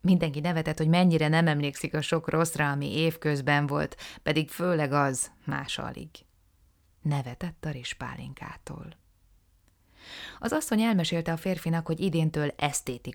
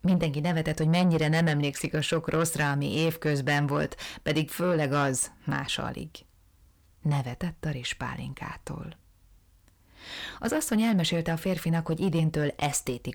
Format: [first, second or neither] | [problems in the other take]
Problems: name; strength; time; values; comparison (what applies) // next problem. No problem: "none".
first | distortion; slight; 10 dB below the speech